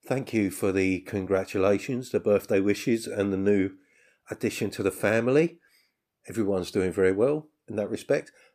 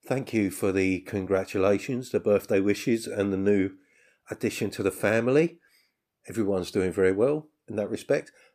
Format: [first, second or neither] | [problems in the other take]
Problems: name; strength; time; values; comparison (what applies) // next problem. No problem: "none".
neither | none